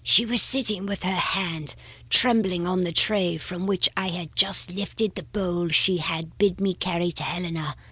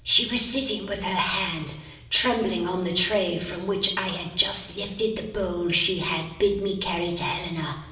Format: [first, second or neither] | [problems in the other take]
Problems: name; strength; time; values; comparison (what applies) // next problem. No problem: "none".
first | room echo; dies away in 0.8 s